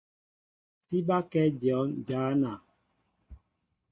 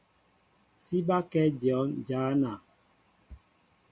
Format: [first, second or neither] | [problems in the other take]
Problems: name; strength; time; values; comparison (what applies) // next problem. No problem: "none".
second | noise reduction (neural mask model DeepFilterNet 3)